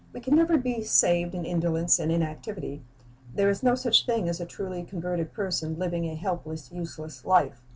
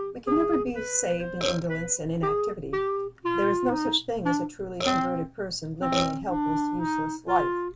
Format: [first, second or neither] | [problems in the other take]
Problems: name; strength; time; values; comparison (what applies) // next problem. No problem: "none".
first | background sound (Burping, eructation + Wind instrument, woodwind instrument); 1 dB above the speech